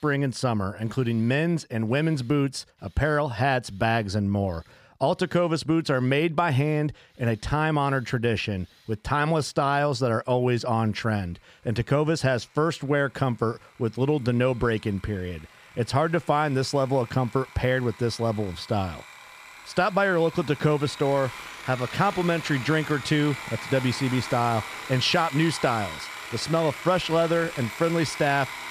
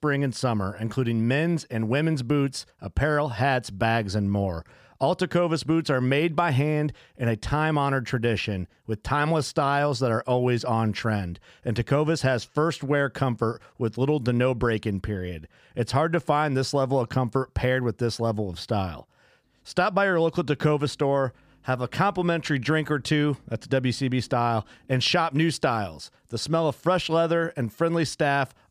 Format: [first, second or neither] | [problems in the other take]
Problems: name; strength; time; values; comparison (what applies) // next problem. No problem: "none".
second | machinery noise; noticeable; throughout; 10 dB below the speech